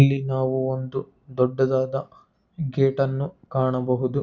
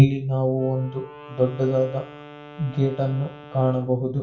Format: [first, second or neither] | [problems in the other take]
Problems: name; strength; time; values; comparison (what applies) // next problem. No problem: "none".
first | background sound (Wind instrument, woodwind instrument); 20 dB below the speech // room echo; dies away in 0.3 s